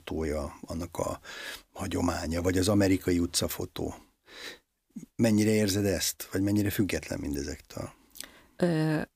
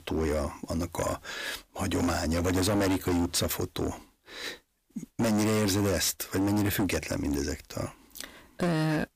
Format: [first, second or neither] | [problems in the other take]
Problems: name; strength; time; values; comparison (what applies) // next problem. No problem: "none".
first | distortion; heavy; 16% of the sound clipped